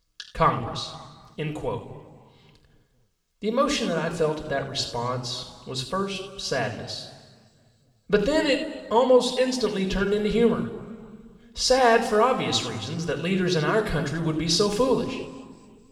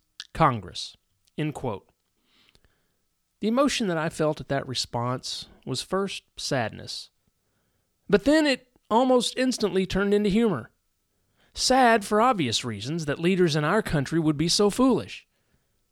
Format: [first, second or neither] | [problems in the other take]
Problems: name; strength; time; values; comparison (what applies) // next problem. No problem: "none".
second | room echo; slight; dies away in 1.5 s // off-mic speech; somewhat distant